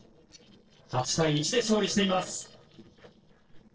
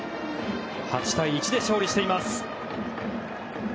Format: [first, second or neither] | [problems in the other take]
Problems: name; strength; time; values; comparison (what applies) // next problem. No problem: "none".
second | noise reduction (neural separator model SepFormer DNS4)